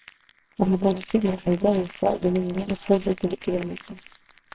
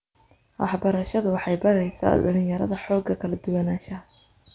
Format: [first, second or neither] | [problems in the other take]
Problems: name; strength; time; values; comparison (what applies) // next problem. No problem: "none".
second | noise reduction (neural separator model SepFormer WHAMR!)